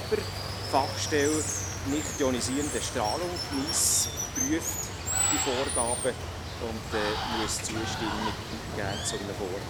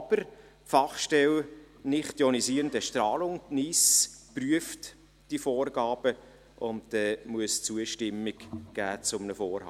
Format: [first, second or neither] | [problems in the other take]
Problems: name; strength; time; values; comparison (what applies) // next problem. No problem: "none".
second | background sound (Water); 1 dB below the speech